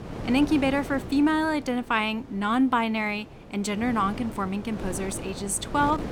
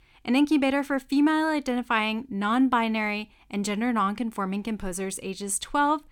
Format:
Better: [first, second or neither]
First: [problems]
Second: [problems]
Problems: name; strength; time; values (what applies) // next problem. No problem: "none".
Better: second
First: wind noise on the microphone; occasional gusts; 15 dB below the speech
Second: none